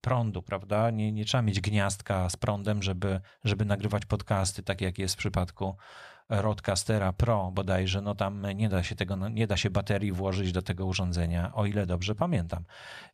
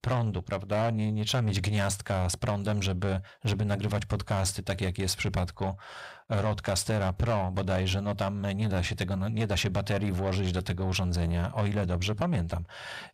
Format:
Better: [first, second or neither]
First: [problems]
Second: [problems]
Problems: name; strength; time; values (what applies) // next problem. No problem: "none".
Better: first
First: none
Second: distortion; slight; 10 dB below the speech